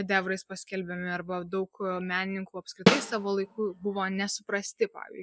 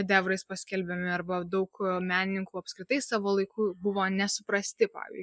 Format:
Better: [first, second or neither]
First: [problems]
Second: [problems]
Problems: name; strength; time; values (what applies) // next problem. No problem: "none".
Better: second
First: background sound (Snare drum); 4 dB above the speech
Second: none